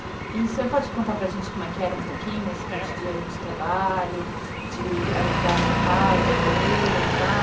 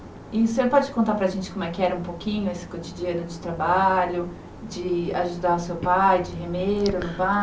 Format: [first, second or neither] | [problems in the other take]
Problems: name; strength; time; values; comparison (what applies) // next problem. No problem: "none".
second | background sound (Engine); 2 dB above the speech